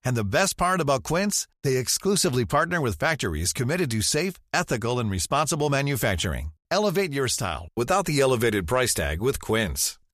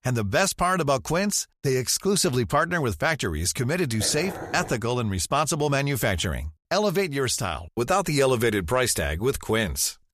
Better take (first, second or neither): first